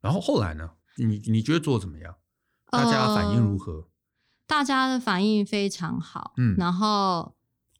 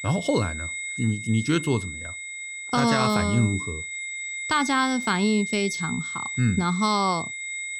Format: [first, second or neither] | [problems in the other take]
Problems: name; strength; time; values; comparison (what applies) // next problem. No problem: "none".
first | high-pitched whine; loud; throughout; 2 kHz, 6 dB below the speech